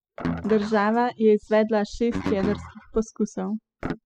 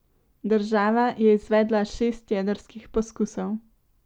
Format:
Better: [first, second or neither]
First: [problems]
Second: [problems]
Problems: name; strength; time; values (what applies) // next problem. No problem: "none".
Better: second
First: noise reduction (classical method spectral subtraction)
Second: none